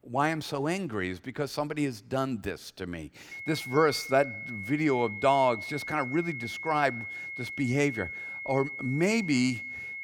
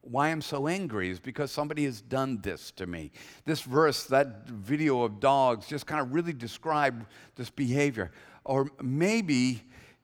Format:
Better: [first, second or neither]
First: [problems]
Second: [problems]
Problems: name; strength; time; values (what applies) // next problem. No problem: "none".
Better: second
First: high-pitched whine; loud; from 3.5 s on; 2 kHz, 8 dB below the speech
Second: none